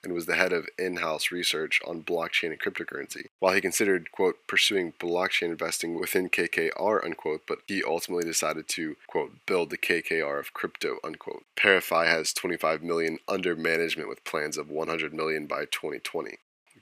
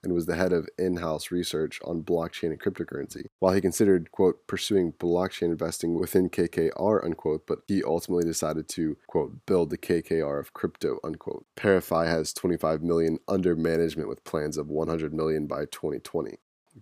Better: second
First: thin; somewhat; fading below 800 Hz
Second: none

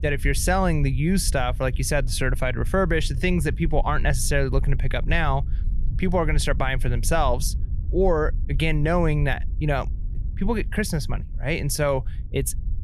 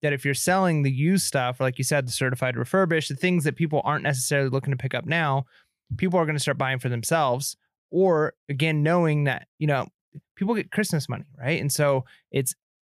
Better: second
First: low rumble; faint; throughout; 20 dB below the speech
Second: none

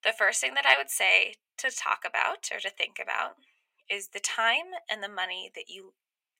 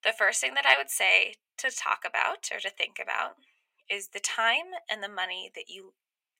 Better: neither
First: thin; very; fading below 800 Hz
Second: thin; very; fading below 800 Hz

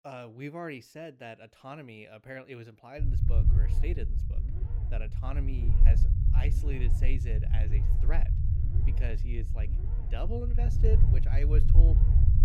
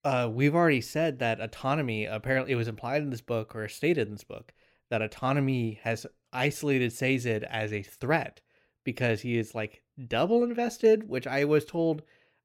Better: second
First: low rumble; loud; from 3 s on; 3 dB below the speech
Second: none

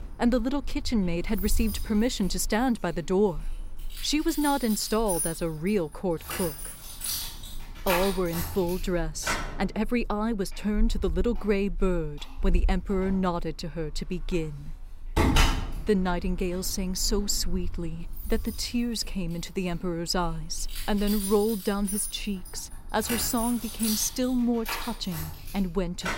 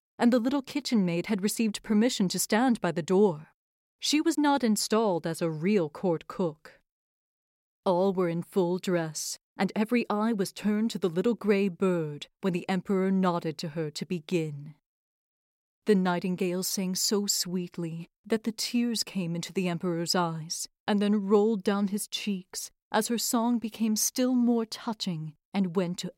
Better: second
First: household noises; loud; throughout; 5 dB below the speech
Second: none

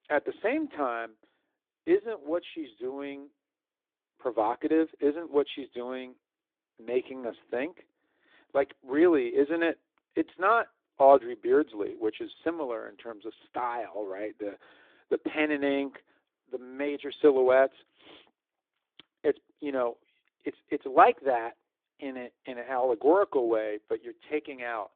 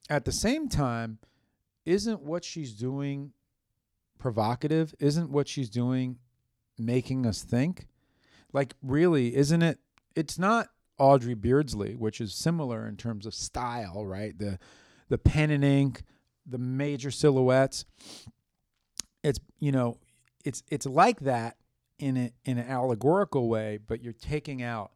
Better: second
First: phone-call audio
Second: none

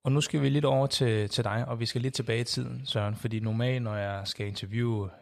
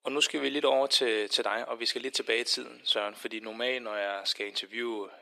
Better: first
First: none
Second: thin; very; fading below 300 Hz

